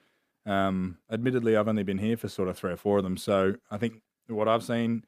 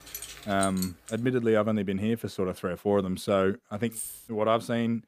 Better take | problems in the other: first | jangling keys; noticeable; until 1 s and at 4 s; peak 8 dB below the speech

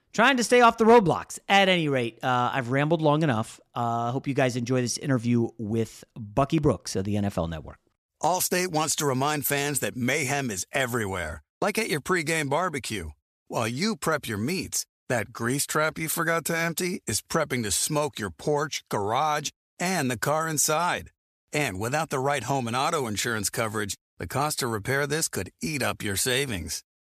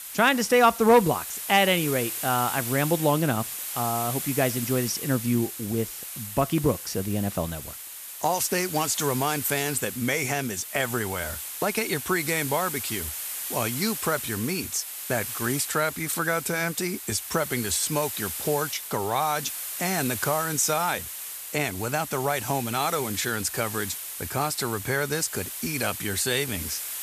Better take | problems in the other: first | hiss; loud; throughout; 6 dB below the speech

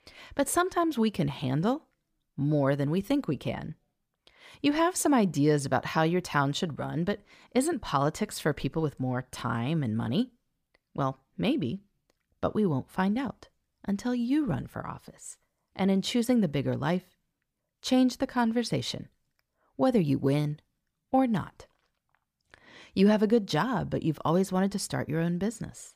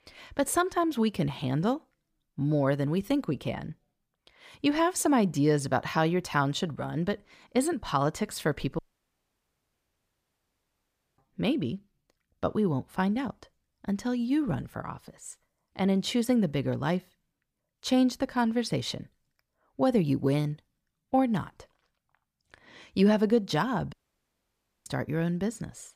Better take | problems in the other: first | audio cutting out; at 9 s for 2.5 s and at 24 s for 1 s

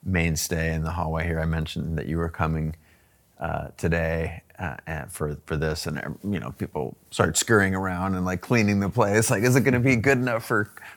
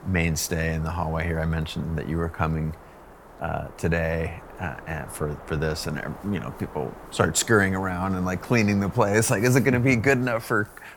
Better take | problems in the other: first | wind noise on the microphone; occasional gusts; 15 dB below the speech

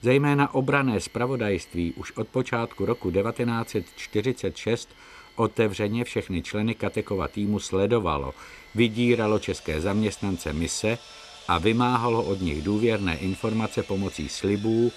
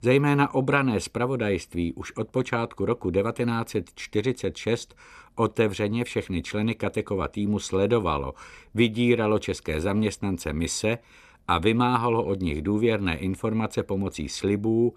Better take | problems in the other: second | machinery noise; faint; throughout; 20 dB below the speech

